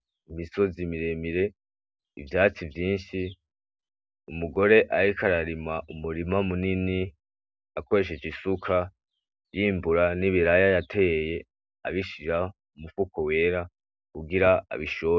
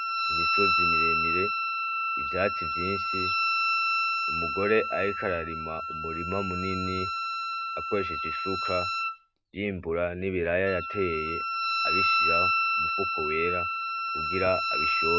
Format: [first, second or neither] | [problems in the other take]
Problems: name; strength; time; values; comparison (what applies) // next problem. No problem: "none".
first | background sound (Wind instrument, woodwind instrument); 4 dB above the speech